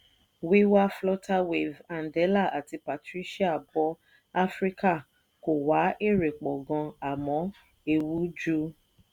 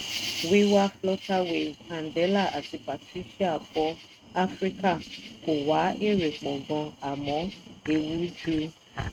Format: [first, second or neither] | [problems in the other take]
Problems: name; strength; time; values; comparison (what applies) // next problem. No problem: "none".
first | noise reduction (neural mask model RNNoise)